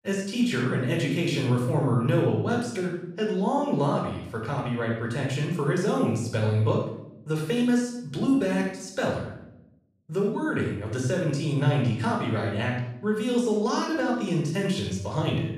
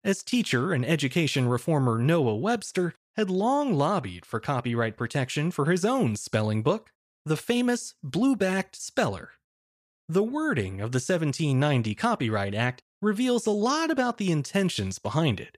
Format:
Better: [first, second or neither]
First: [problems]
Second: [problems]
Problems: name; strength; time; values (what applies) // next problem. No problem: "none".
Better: second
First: off-mic speech; somewhat distant // room echo; noticeable; dies away in 0.7 s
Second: none